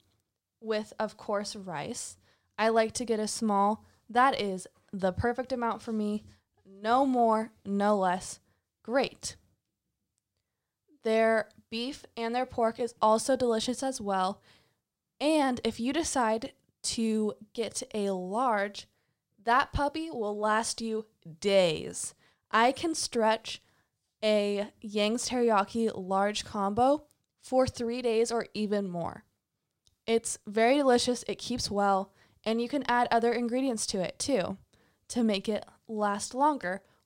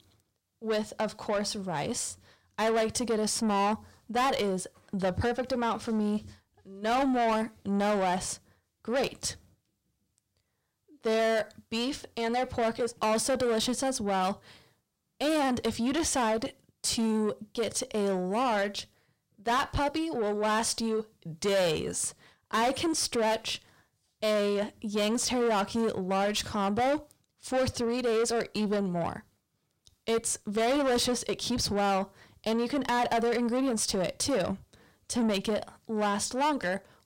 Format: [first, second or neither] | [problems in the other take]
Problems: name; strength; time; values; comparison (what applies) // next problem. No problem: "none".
first | distortion; heavy; 7 dB below the speech